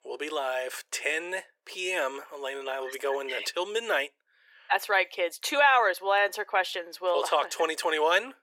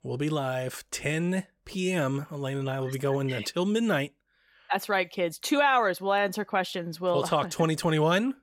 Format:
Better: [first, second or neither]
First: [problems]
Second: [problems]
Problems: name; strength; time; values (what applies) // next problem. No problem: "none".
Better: second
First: thin; very; fading below 400 Hz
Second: none